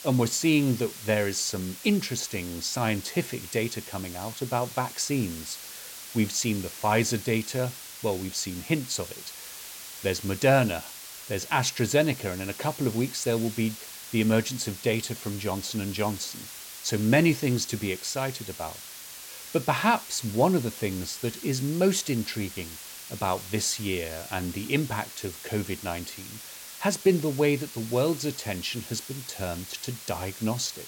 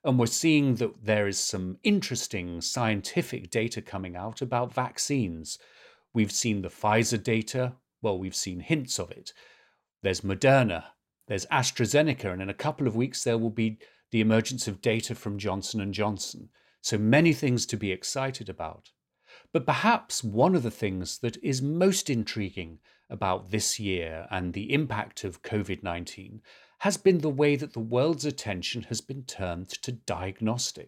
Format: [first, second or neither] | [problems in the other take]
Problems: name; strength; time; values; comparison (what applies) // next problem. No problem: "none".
second | hiss; noticeable; throughout; 10 dB below the speech